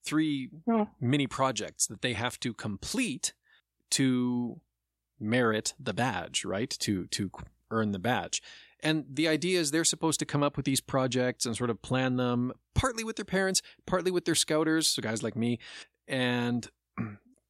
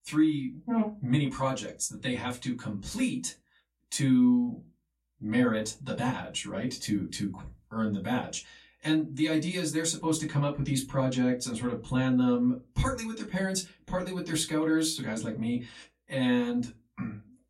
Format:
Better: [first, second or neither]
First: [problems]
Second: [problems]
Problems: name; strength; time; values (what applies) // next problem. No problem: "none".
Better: first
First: none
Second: off-mic speech; far // room echo; very slight; dies away in 0.2 s